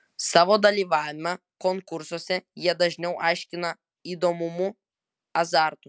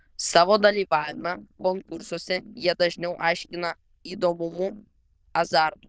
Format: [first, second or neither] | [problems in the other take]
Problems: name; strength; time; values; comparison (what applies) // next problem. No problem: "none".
first | noise reduction (neural diffusion model UNIVERSE++)